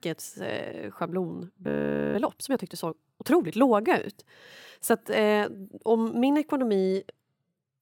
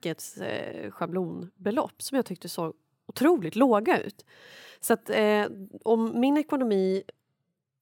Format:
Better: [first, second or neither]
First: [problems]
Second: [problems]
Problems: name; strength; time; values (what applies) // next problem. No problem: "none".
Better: second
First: audio freezing; at 1.5 s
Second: none